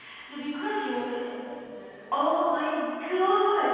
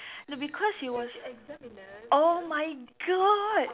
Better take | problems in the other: second | room echo; dies away in 2.1 s

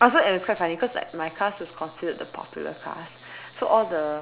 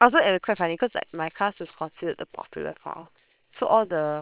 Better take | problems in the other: first | noise reduction (neural separator model SepFormer WHAM!)

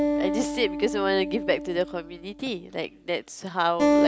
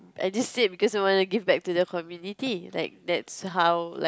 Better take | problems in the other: second | background sound (Acoustic guitar); as loud as the speech

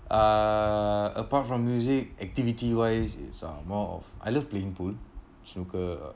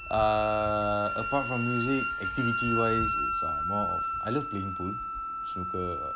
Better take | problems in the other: first | background sound (Wind instrument, woodwind instrument); 1 dB below the speech

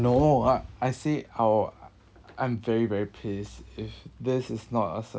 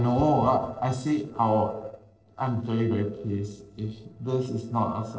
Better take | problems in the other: first | noise reduction (neural separator model SepFormer DNS4)

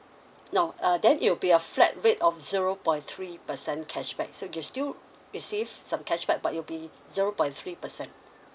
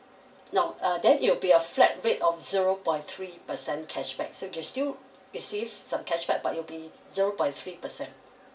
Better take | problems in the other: first | room echo; dies away in 0.3 s

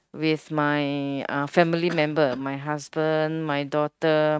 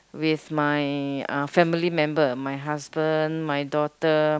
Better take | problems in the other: second | noise reduction (neural mask model RNNoise)

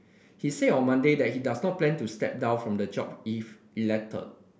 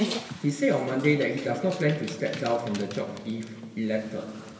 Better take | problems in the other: first | background sound (Dog); 10 dB below the speech // room echo; dies away in 1.9 s

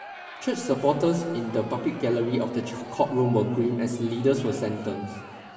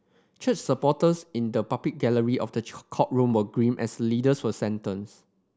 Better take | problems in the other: second | background sound (Crowd); 16 dB below the speech // room echo; dies away in 2 s

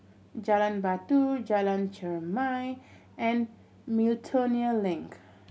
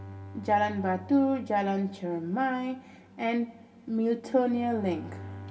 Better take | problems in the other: first | background sound (Bowed string instrument); 17 dB below the speech // room echo; dies away in 1.2 s

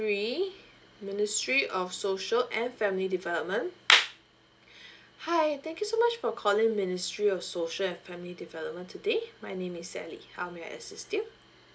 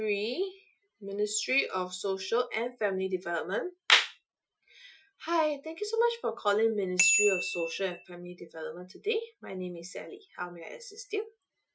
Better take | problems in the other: first | noise reduction (classical method Wiener filter)

